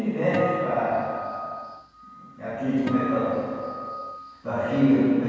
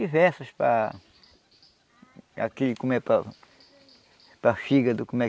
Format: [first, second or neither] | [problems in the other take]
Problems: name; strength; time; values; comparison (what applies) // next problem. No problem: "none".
second | background sound (Acoustic guitar); 11 dB below the speech // room echo; dies away in 2.1 s